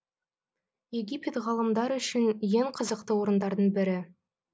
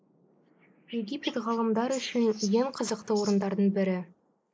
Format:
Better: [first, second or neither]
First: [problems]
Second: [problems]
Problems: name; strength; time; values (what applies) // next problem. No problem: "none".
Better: first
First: none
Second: noise reduction (neural mask model Resemble Enhance denoiser)